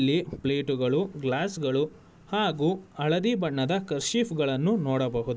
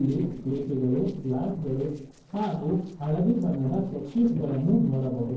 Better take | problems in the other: first | noise reduction (neural separator model SepFormer DNS4)

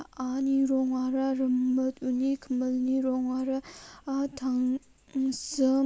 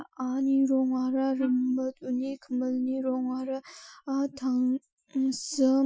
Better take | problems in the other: first | noise reduction (classical method Wiener filter)

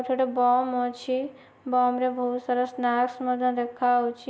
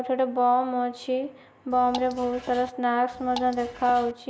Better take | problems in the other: first | background sound (Drip / Water); 15 dB below the speech

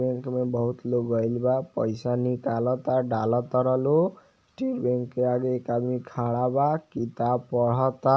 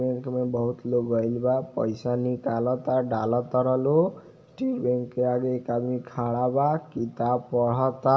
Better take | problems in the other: first | room echo; dies away in 1.6 s

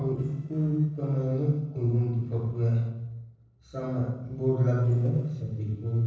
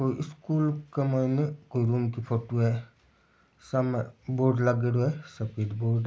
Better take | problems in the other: second | noise reduction (neural separator model SepFormer DNS4)

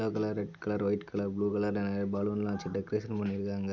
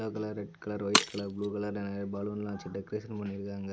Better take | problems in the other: first | background sound (Shatter); 1 dB below the speech

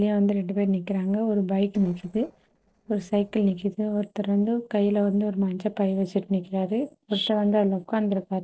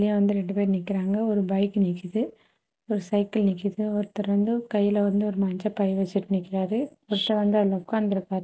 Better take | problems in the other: second | noise reduction (neural separator model SepFormer DNS4)

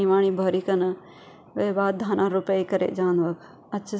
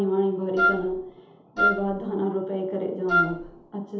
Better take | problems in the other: first | background sound (Wind instrument, woodwind instrument); 2 dB above the speech // room echo; dies away in 0.8 s

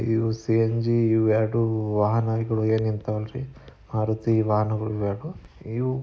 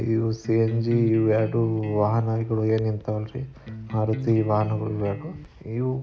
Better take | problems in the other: first | background sound (Electric guitar); 12 dB below the speech

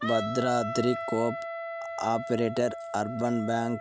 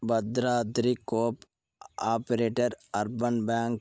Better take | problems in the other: second | background sound (Wind instrument, woodwind instrument); 7 dB below the speech

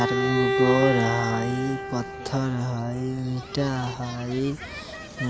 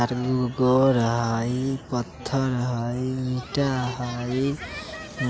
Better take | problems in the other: second | background sound (Bowed string instrument); 3 dB below the speech

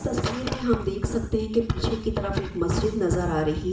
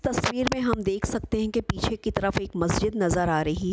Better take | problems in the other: second | room echo; dies away in 0.8 s

